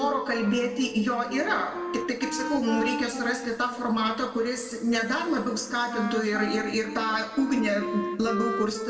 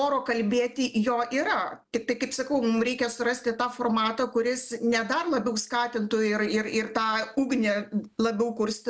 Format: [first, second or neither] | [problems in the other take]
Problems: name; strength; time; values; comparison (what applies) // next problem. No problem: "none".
second | background sound (Wind instrument, woodwind instrument); 8 dB below the speech // room echo; dies away in 1.5 s